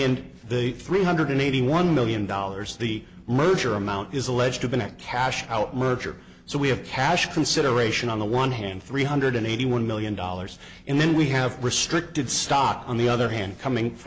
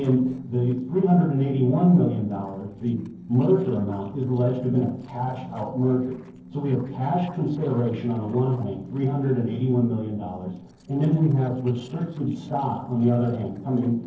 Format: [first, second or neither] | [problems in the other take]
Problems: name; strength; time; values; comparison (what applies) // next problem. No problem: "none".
first | noise reduction (neural separator model SepFormer DNS4)